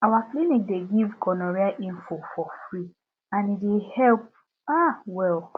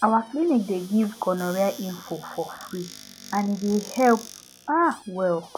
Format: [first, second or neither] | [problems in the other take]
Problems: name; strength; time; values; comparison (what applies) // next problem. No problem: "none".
first | background sound (Squeak / Cupboard open or close); 20 dB below the speech